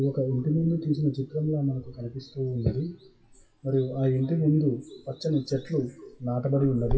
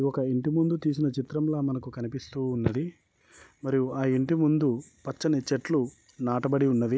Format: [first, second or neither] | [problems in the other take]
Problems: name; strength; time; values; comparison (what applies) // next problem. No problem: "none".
second | noise reduction (classical method WPE with log-MMSE)